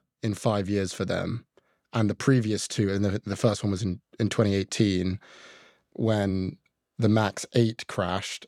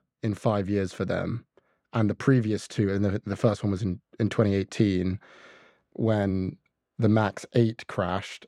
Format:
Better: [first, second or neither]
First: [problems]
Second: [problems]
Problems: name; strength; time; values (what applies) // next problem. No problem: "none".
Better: first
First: none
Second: muffled; slightly; fading above 3 kHz